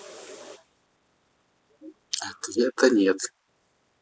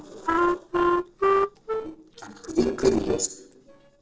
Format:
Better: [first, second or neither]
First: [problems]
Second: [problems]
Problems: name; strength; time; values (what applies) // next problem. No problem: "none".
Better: first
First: none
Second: noise reduction (neural separator model SepFormer DNS4)